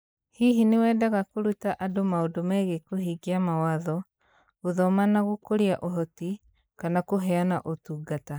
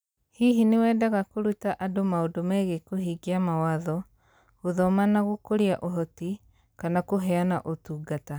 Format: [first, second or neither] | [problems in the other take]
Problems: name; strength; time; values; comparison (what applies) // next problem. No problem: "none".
second | noise reduction (neural mask model Resemble Enhance denoiser)